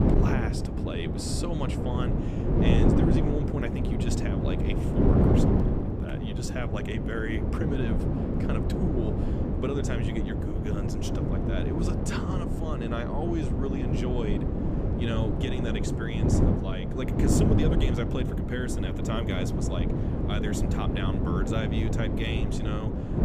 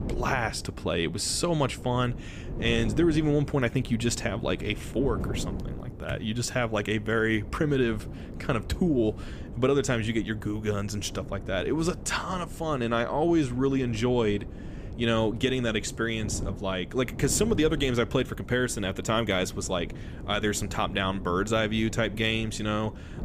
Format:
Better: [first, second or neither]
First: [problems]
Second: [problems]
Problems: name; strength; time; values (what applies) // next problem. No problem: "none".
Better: second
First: wind noise on the microphone; heavy; 2 dB above the speech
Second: wind noise on the microphone; occasional gusts; 15 dB below the speech